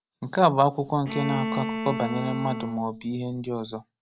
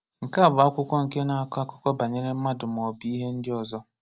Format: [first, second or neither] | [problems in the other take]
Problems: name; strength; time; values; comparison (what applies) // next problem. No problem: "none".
second | background sound (Bowed string instrument); 6 dB below the speech